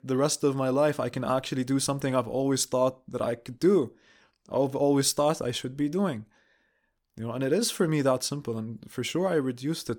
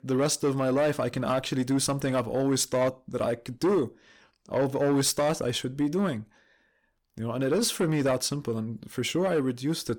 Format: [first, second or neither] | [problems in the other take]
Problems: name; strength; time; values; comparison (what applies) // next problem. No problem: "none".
first | distortion; slight; 10 dB below the speech